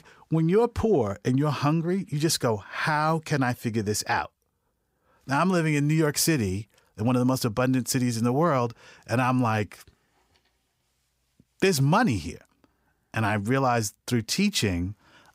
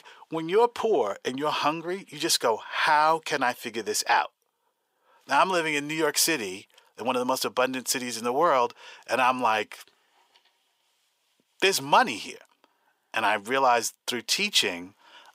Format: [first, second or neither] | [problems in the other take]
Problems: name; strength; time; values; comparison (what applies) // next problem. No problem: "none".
first | thin; very; fading below 500 Hz